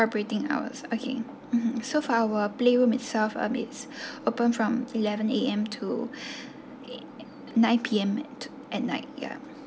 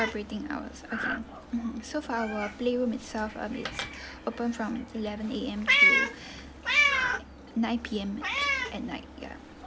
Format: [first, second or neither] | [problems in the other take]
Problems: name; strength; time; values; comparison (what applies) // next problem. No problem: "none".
first | background sound (Meow + Breathing); 3 dB above the speech